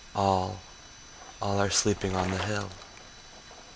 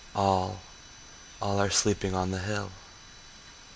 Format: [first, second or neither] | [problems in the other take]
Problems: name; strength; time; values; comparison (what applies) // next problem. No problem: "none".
second | background sound (Bicycle); 14 dB below the speech